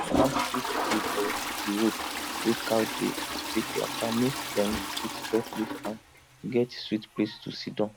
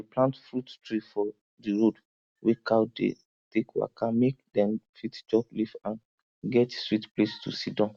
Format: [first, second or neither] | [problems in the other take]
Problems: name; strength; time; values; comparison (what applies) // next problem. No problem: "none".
second | background sound (Toilet flush); 2 dB below the speech